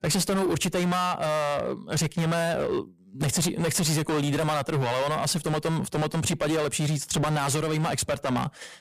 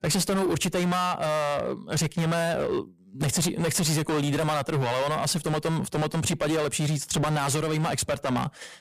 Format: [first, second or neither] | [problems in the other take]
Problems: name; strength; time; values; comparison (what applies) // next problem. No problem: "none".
neither | distortion; heavy; 23% of the sound clipped; the same in both